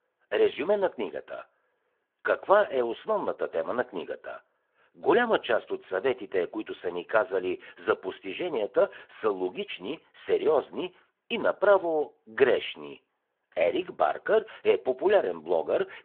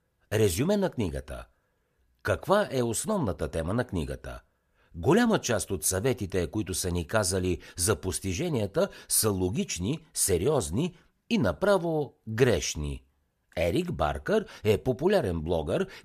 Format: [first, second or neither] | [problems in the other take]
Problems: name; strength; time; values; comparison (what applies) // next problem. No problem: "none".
second | phone-call audio